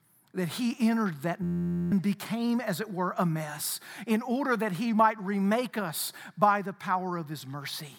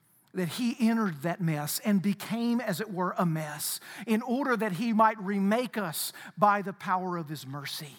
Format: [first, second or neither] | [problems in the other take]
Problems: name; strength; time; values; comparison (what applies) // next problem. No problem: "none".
second | audio freezing; at 1.5 s